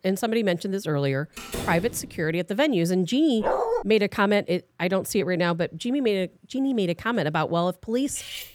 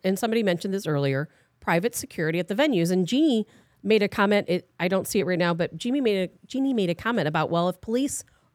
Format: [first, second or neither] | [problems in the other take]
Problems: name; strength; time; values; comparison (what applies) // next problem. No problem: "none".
second | door banging; noticeable; at 1.5 s; peak 8 dB below the speech // dog barking; loud; at 3.5 s; peak level with the speech // clattering dishes; faint; at 8 s; peak 10 dB below the speech